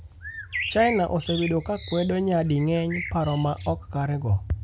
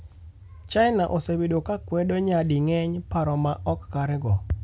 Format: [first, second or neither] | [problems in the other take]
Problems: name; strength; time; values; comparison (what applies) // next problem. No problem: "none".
second | background sound (Bird); 12 dB below the speech